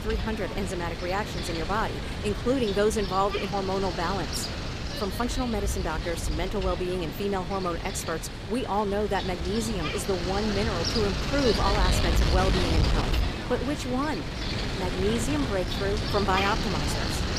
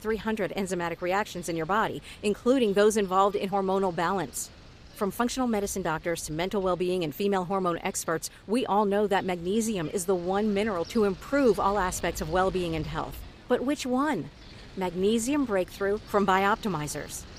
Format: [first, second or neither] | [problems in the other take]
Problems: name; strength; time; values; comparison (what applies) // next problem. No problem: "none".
second | wind noise on the microphone; heavy; 3 dB below the speech; occasional gusts in the second